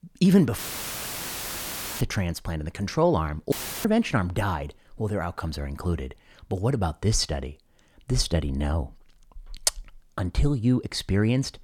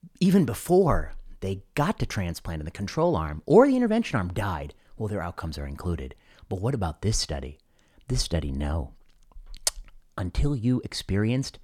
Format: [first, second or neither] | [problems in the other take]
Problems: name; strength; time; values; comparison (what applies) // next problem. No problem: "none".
second | audio cutting out; filled with static; at 0.5 s for 1.5 s and at 3.5 s